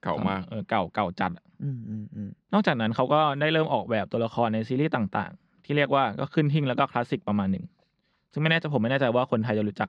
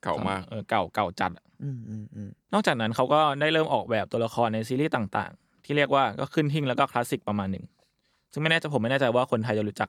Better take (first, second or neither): second